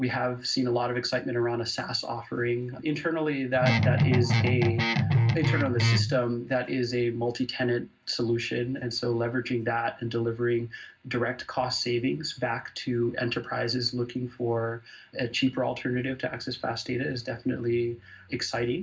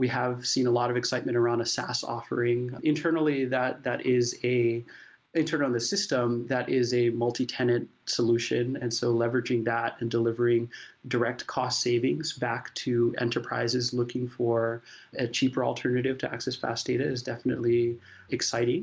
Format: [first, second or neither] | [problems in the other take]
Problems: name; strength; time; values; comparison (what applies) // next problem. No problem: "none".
second | background sound (Guitar); 5 dB above the speech // room echo; dies away in 0.4 s